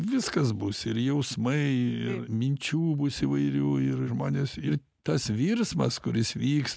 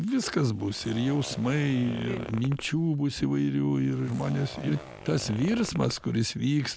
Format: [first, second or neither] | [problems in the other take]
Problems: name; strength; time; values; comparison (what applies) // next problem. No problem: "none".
first | background sound (Zipper (clothing)); 16 dB below the speech